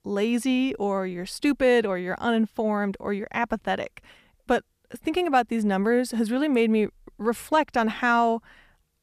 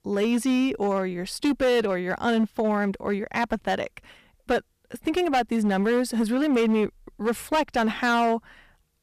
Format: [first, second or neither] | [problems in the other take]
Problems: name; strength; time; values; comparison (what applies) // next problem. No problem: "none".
first | distortion; slight; 9% of the sound clipped